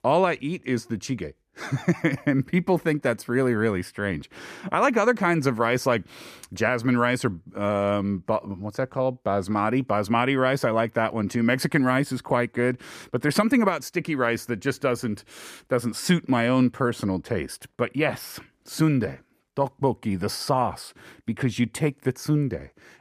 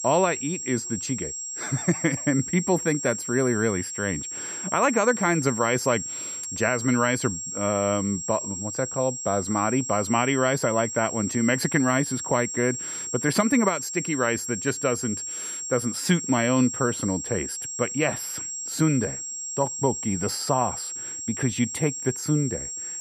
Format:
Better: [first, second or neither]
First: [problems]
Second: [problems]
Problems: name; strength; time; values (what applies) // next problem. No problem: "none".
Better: first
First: none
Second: high-pitched whine; loud; throughout; 7.5 kHz, 5 dB below the speech